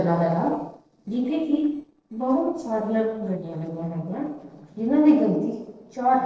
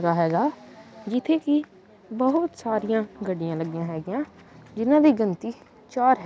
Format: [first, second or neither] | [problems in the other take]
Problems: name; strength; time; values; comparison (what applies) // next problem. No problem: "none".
second | noise reduction (neural separator model SepFormer DNS4)